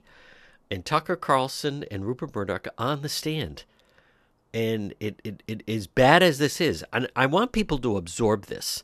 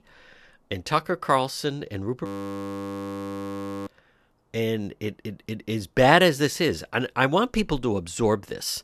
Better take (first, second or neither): first